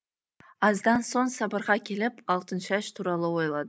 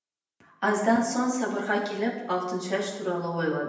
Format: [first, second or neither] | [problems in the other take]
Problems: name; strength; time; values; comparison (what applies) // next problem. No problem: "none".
first | room echo; dies away in 1 s